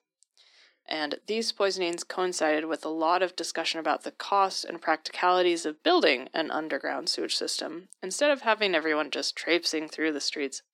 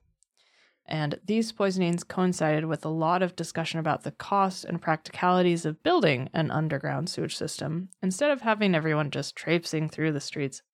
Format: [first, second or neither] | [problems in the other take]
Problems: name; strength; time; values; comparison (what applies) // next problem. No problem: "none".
second | thin; somewhat; fading below 250 Hz